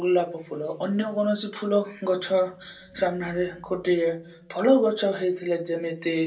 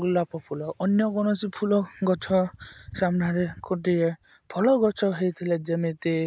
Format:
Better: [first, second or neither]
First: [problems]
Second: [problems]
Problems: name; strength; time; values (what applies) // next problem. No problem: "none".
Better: second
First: room echo; dies away in 0.3 s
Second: none